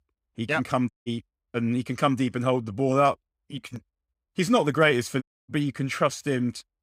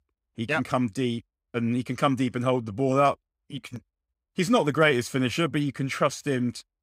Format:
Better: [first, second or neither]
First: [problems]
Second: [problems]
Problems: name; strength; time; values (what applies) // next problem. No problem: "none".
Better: second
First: audio cutting out; at 1 s and at 5 s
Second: none